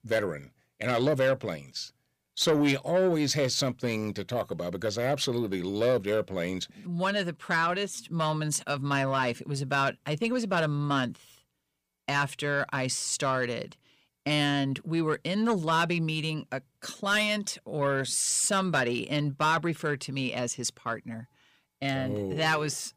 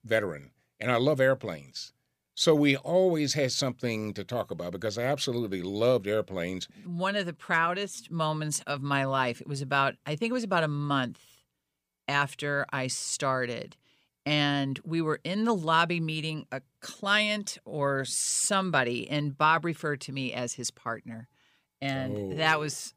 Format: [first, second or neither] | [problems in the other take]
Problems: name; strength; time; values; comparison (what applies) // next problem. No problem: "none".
second | distortion; slight; 10 dB below the speech